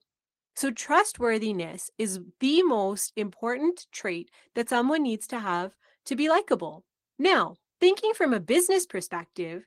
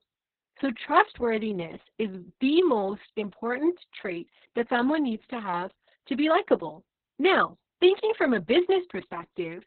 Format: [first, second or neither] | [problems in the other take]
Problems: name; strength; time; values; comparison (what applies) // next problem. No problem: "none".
first | garbled, watery; badly; nothing above 4 kHz; slightly in the first